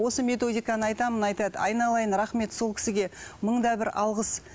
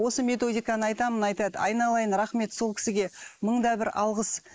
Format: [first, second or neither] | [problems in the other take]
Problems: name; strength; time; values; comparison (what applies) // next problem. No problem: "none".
first | noise reduction (neural mask model Resemble Enhance denoiser)